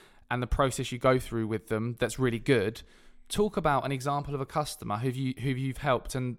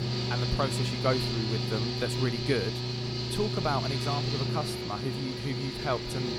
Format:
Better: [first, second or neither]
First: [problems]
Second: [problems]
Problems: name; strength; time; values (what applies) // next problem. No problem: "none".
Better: first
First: none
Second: machinery noise; very loud; throughout; 2 dB above the speech